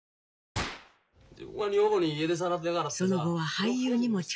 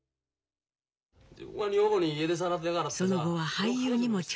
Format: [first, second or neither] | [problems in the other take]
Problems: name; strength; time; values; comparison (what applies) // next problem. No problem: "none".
second | noise reduction (classical method log-MMSE)